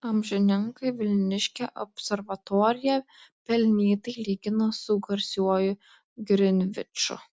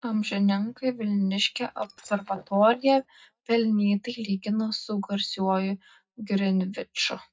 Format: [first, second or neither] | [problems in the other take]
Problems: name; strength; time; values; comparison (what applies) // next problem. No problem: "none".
first | noise reduction (neural mask model DeepFilterNet 3)